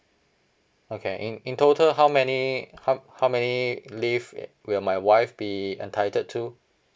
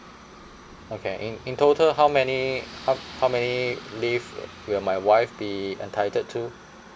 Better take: first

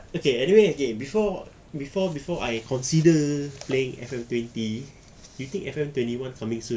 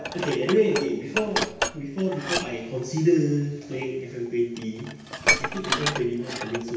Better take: first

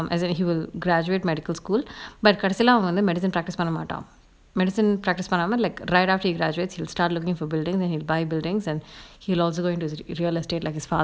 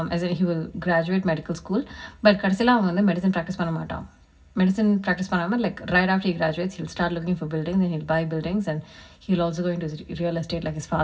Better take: first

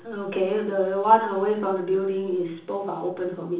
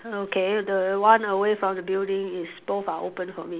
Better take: second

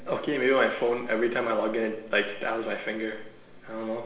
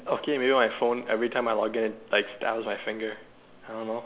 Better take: second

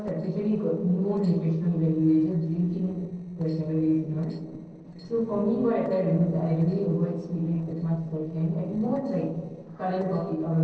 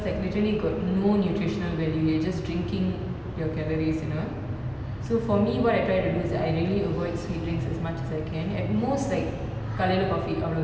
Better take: second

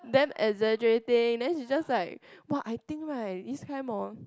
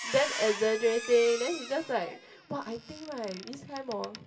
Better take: first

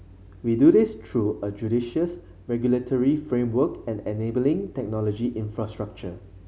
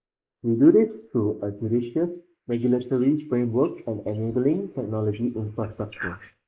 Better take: first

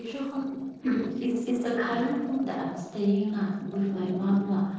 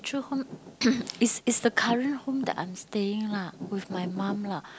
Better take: second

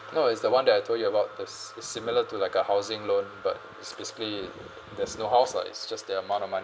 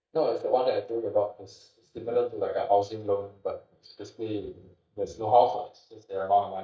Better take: first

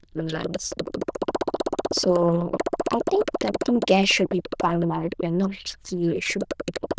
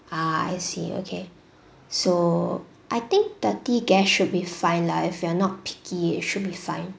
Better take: second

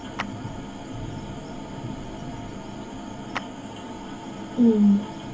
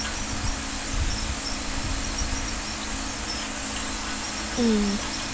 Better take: second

